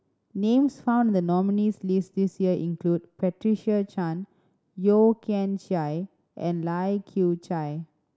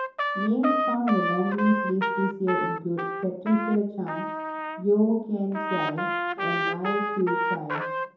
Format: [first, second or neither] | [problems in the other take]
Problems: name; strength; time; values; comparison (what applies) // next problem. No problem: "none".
first | background sound (Trumpet); 2 dB below the speech // room echo; dies away in 2.8 s